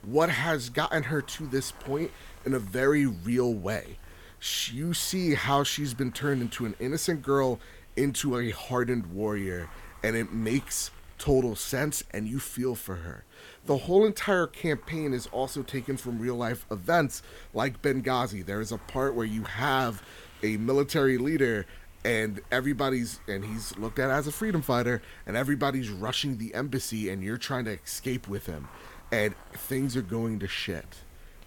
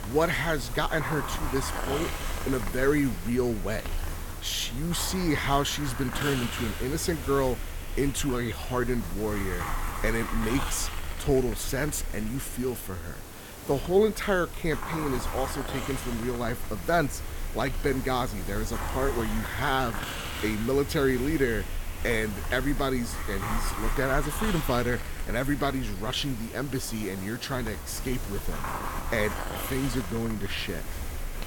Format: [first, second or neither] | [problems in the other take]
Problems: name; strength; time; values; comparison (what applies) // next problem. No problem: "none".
first | hiss; loud; throughout; 6 dB below the speech; faint in the first